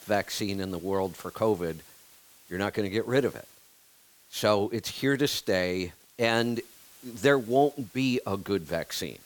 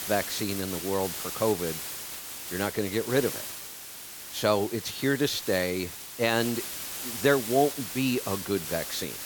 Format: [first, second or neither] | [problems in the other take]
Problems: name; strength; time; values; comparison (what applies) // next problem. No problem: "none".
first | hiss; loud; throughout; 6 dB below the speech; faint in the first